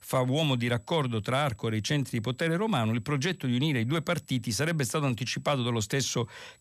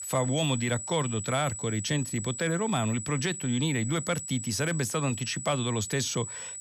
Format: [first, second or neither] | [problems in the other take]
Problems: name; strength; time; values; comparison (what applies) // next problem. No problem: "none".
first | high-pitched whine; loud; throughout; 8 kHz, 7 dB below the speech; faint in the first